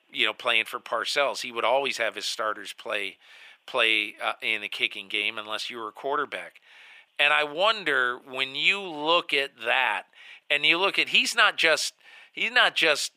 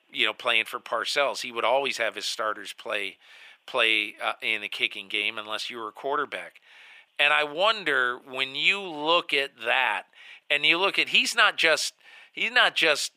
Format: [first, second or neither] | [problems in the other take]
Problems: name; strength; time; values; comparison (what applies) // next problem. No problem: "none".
neither | thin; very; fading below 600 Hz; the same in both